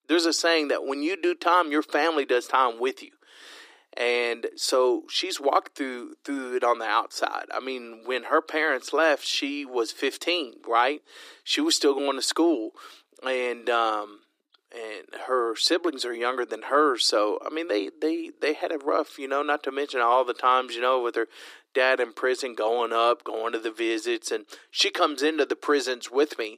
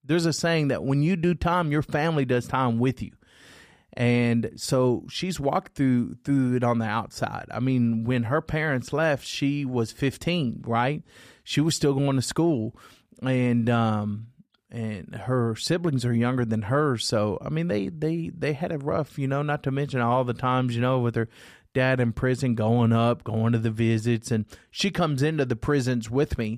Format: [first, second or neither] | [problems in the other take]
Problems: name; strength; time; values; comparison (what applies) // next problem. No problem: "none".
second | thin; very; fading below 300 Hz